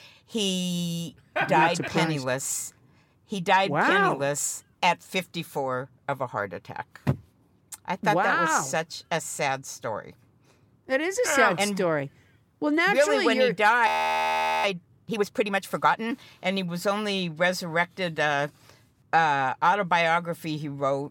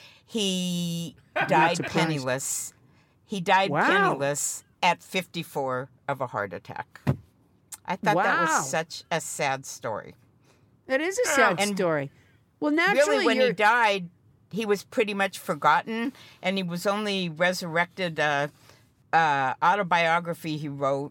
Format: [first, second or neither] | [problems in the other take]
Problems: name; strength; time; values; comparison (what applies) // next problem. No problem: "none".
second | audio freezing; at 14 s for 1 s